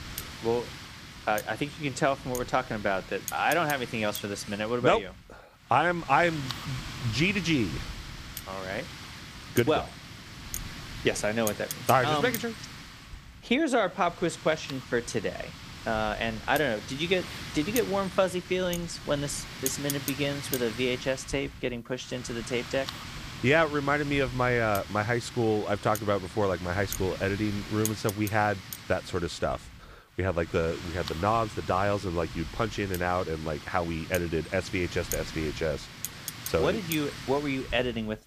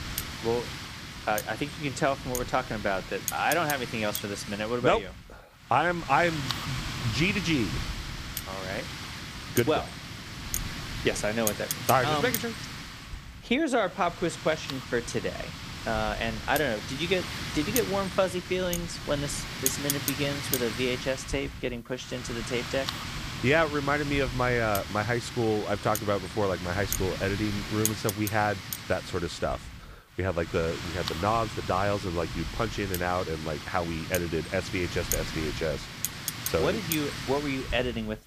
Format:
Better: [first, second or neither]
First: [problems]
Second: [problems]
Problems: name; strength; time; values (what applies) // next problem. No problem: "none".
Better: first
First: wind noise on the microphone; occasional gusts; 10 dB below the speech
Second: wind noise on the microphone; heavy; 7 dB below the speech